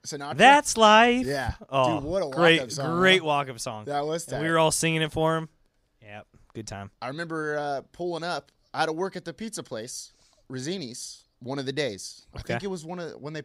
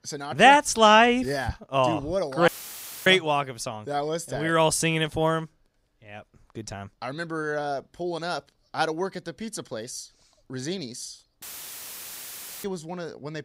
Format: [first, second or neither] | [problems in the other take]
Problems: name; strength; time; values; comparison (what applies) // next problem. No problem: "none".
first | audio cutting out; filled with static; at 2.5 s for 0.5 s and at 11 s for 1 s